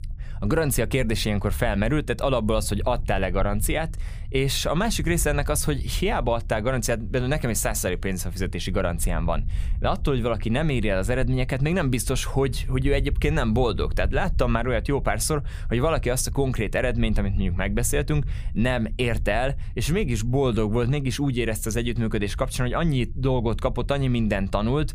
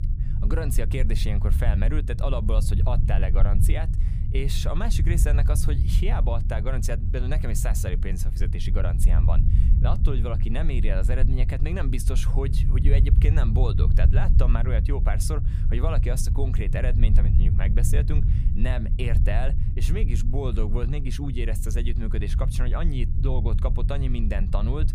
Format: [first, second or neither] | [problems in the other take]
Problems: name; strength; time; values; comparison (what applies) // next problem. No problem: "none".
first | low rumble; loud; throughout; 6 dB below the speech; faint in the first